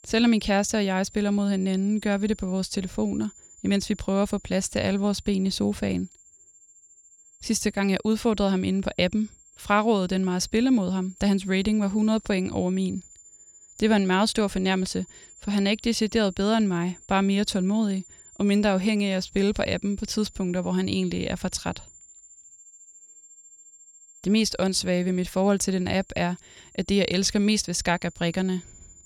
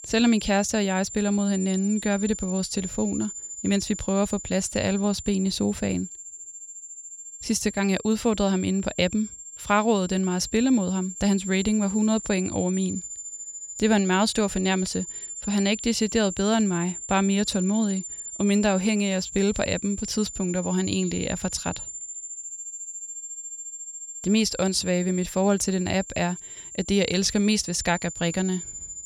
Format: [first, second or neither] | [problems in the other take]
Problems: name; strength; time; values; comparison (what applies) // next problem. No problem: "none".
first | high-pitched whine; loud; throughout; 7 kHz, 10 dB below the speech; faint in the first